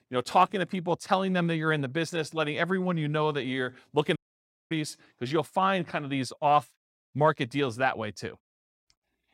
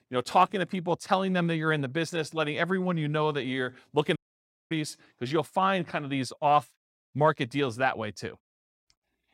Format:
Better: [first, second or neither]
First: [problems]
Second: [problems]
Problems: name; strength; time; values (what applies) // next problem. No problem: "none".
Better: neither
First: audio cutting out; at 4 s for 0.5 s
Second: audio cutting out; at 4 s for 0.5 s